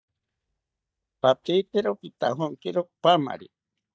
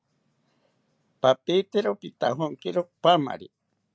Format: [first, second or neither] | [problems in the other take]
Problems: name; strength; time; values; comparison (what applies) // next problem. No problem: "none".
second | noise reduction (neural mask model DeepFilterNet 3)